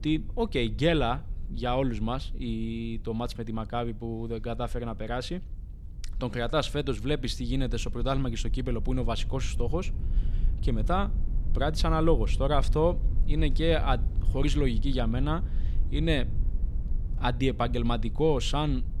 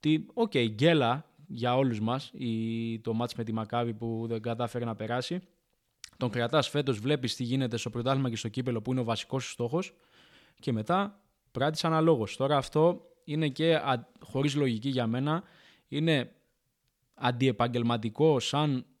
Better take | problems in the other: second | low rumble; faint; throughout; 20 dB below the speech

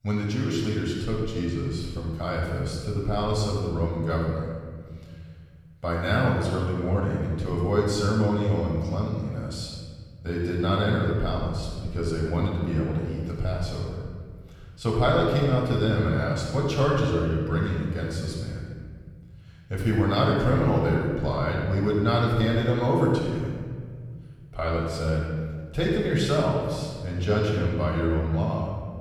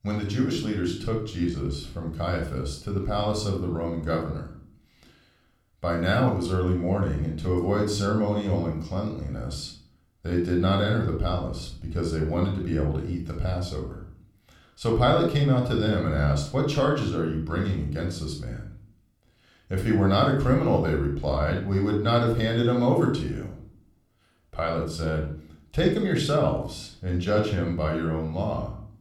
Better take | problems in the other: second | room echo; strong; dies away in 1.7 s; slight in the second // off-mic speech; far; somewhat distant in the second

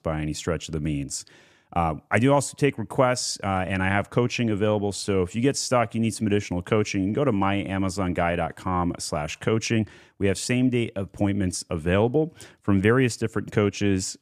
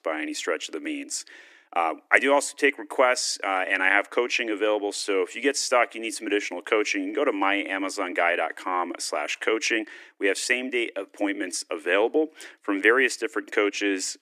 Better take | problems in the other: first | thin; somewhat; fading below 300 Hz

